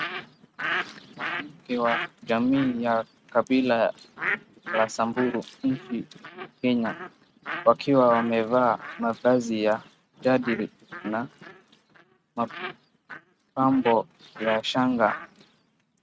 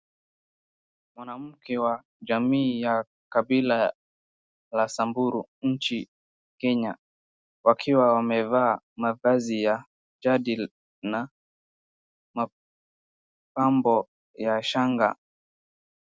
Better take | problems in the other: second | noise reduction (neural mask model RNNoise)

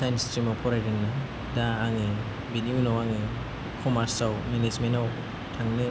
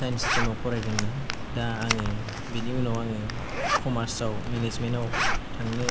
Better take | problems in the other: first | background sound (Zipper (clothing)); as loud as the speech

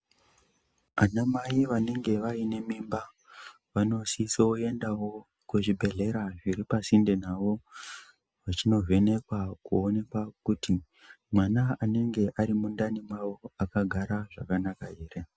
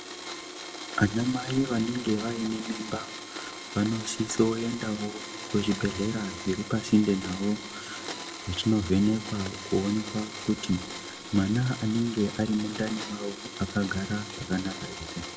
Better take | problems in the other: first | background sound (Domestic sounds, home sounds); 10 dB below the speech // room echo; dies away in 1.3 s

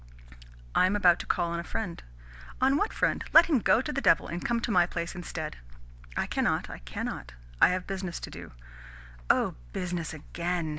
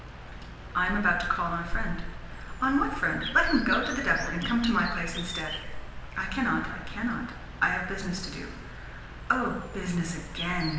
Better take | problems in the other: first | background sound (Bird); 13 dB below the speech // room echo; dies away in 1.1 s

